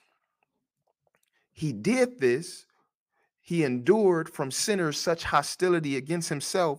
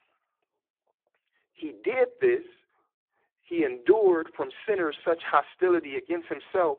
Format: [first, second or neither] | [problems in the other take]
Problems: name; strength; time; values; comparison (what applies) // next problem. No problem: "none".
first | phone-call audio; poor line